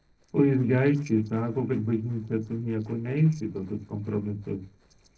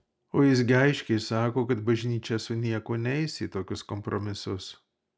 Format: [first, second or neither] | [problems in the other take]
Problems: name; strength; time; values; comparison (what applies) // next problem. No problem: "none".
second | noise reduction (neural separator model SepFormer DNS4)